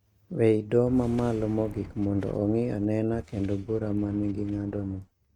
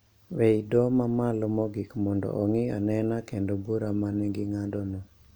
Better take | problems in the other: second | noise reduction (neural mask model RNNoise)

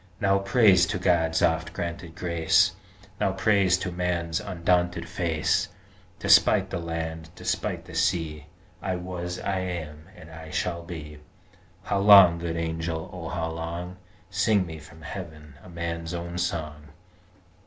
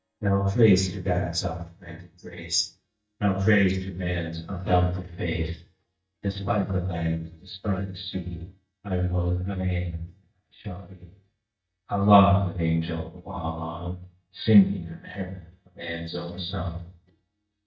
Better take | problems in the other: first | noise reduction (neural mask model DeepFilterNet 3)

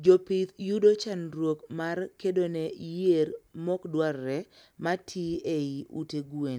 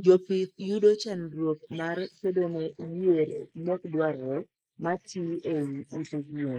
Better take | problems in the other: first | noise reduction (neural mask model Resemble Enhance denoiser)

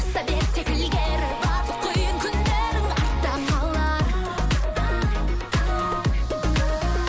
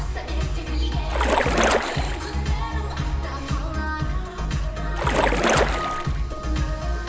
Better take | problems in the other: first | background sound (Splash, splatter); 1 dB above the speech // room echo; dies away in 0.8 s

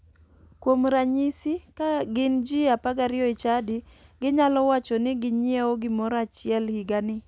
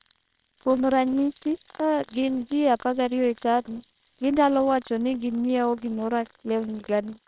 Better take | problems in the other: first | noise reduction (neural separator model SepFormer WHAMR!)

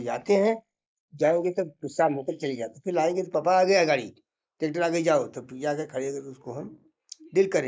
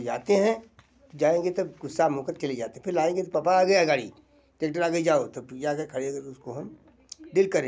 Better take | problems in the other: second | noise reduction (neural mask model Resemble Enhance denoiser)

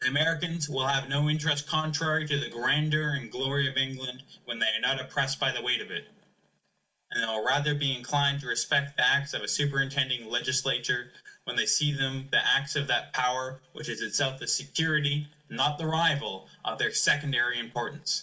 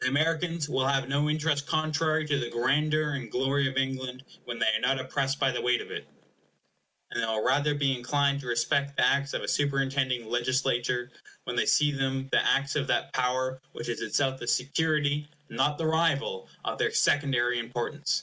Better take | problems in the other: second | room echo; dies away in 0.3 s

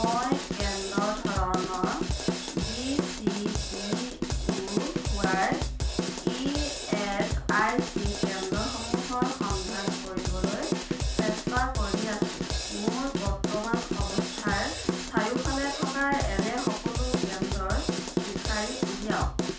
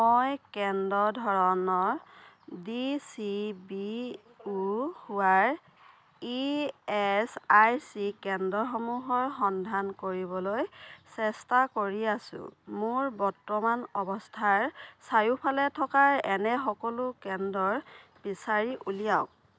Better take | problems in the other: second | background sound (Drum / Drum kit); 3 dB above the speech // room echo; dies away in 0.3 s

